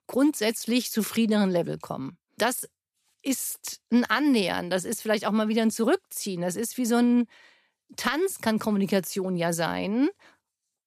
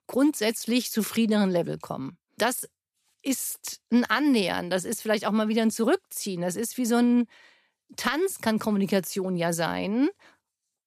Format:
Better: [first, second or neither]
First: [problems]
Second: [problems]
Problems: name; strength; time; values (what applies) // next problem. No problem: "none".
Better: neither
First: none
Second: none